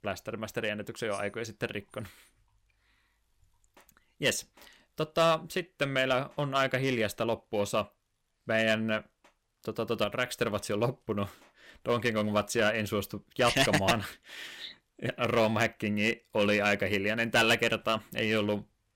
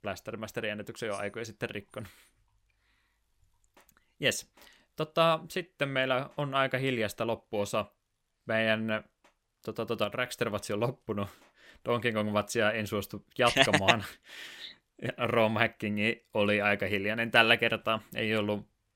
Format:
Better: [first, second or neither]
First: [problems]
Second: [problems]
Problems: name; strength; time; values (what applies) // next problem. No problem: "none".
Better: second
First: distortion; slight; 3% of the sound clipped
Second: none